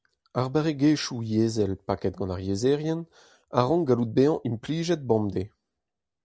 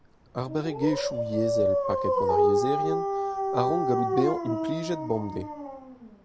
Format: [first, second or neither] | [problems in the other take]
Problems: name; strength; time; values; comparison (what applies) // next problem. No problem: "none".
first | background sound (Dog); 3 dB above the speech